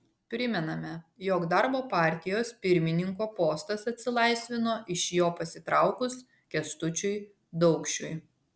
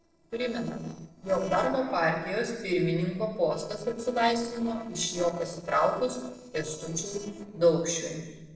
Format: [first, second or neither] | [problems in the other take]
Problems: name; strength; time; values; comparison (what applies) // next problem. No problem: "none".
first | noise reduction (neural separator model SepFormer DNS4)